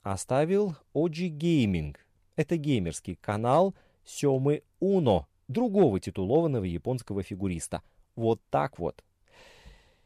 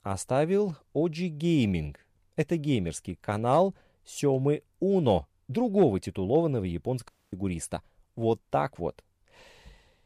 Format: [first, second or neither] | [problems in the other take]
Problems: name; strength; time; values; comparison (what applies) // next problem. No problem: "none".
first | audio cutting out; at 7 s